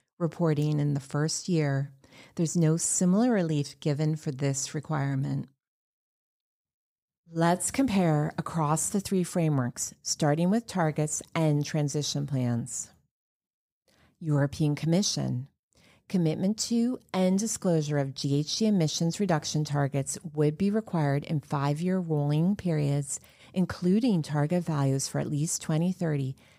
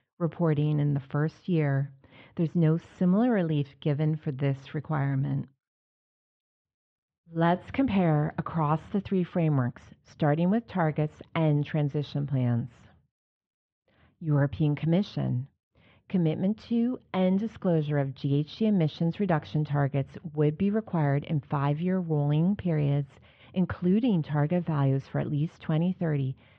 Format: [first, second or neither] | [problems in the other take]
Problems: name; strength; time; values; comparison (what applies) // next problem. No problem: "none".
first | muffled; very; fading above 3.5 kHz